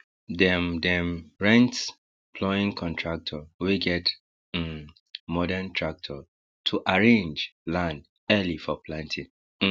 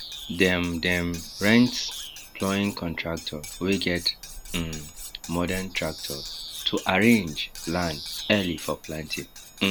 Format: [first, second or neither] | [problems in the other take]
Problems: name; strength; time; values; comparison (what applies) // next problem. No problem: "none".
first | background sound (Bird vocalization, bird call, bird song + Cutlery, silverware); 12 dB below the speech